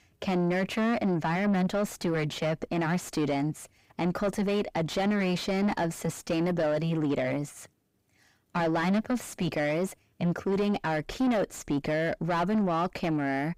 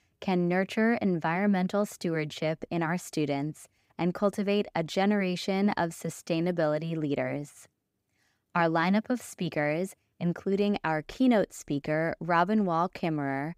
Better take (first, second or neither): second